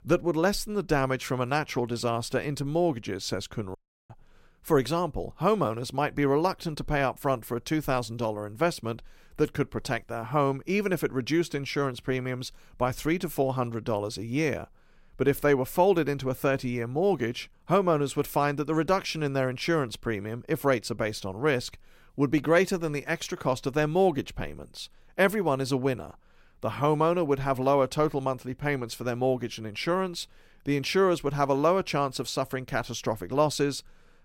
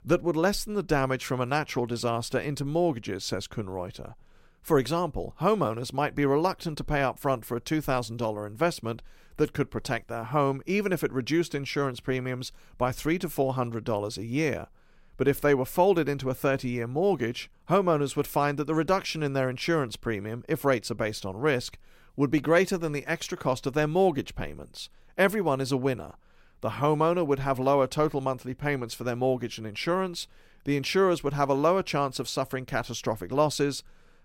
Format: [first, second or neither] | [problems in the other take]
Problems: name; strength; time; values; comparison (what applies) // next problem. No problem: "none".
second | audio cutting out; at 4 s